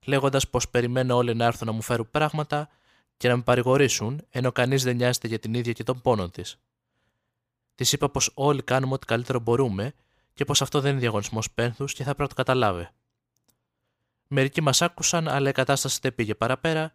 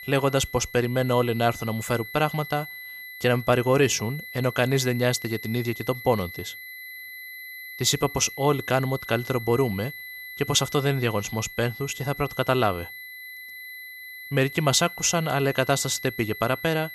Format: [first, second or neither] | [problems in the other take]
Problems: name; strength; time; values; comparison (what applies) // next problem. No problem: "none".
first | high-pitched whine; noticeable; throughout; 2 kHz, 15 dB below the speech